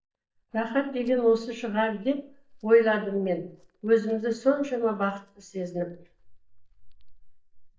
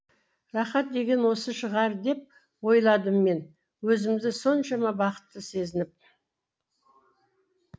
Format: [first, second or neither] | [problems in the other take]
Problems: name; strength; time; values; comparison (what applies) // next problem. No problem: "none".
second | noise reduction (neural mask model DeepFilterNet 3)